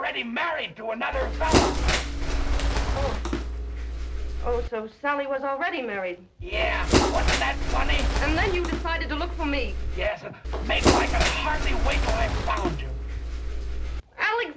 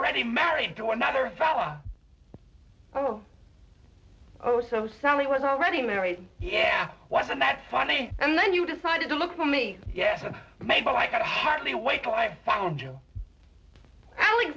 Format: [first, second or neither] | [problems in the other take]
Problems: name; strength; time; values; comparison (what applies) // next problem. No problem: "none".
second | background sound (Bird); 5 dB above the speech